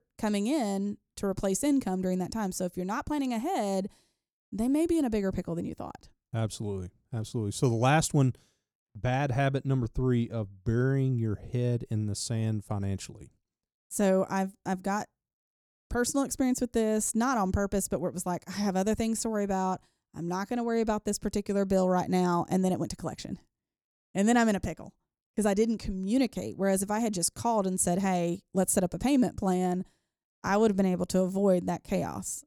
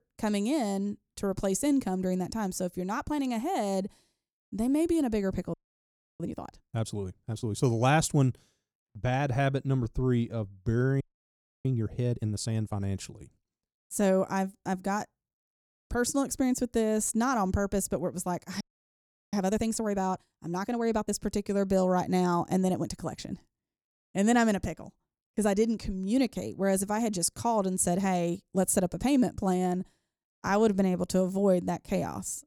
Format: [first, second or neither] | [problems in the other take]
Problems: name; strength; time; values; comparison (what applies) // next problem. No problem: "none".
first | audio freezing; at 5.5 s for 0.5 s, at 11 s for 0.5 s and at 19 s for 0.5 s